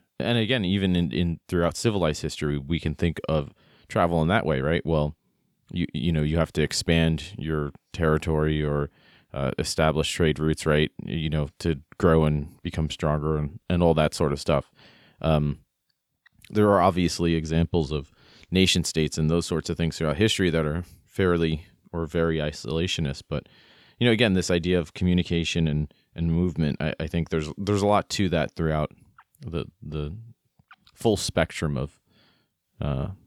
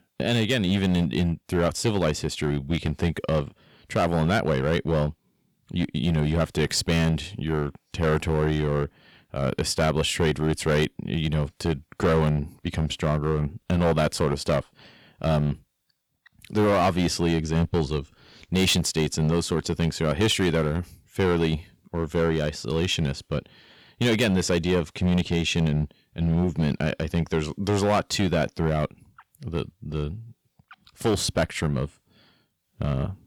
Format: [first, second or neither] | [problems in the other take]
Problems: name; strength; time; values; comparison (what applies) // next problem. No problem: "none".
first | distortion; slight; 7% of the sound clipped